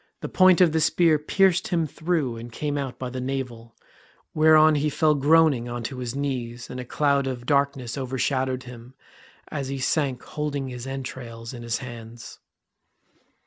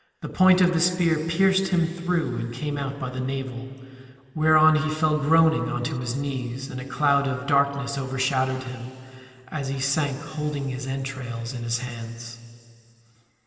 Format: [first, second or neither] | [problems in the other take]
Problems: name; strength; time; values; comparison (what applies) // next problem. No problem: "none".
first | room echo; dies away in 2.9 s